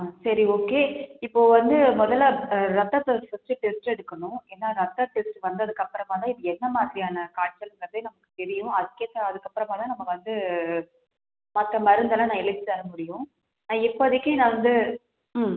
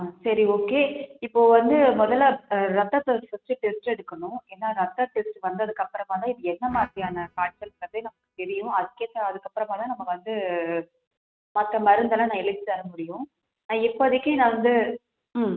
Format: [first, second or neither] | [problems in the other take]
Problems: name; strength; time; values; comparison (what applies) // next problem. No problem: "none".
first | noise reduction (neural mask model RNNoise)